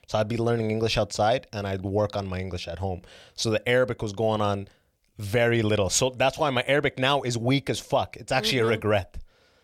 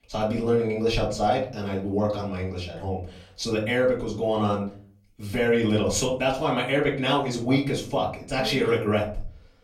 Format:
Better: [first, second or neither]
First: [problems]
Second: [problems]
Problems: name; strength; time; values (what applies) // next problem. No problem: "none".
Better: first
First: none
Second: off-mic speech; far // room echo; slight; dies away in 0.4 s